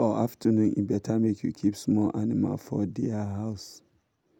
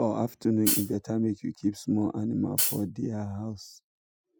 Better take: first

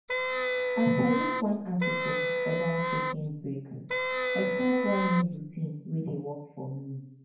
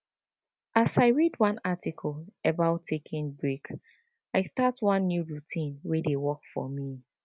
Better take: second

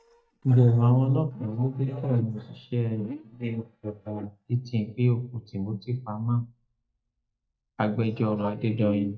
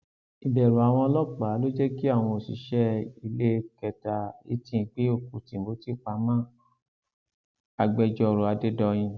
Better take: second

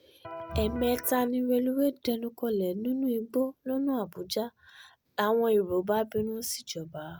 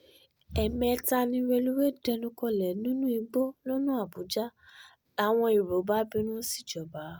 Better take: second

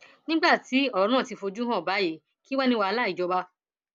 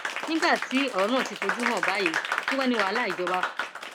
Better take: first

